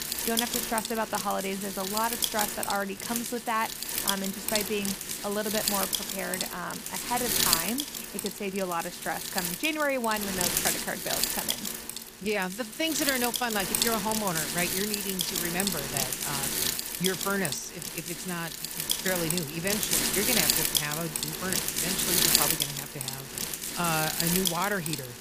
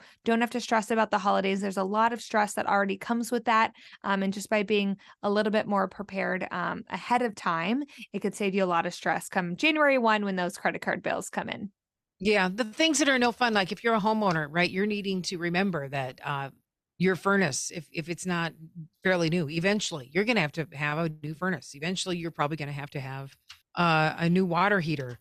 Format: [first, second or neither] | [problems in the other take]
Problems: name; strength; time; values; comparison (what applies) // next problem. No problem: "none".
second | wind noise on the microphone; heavy; 1 dB above the speech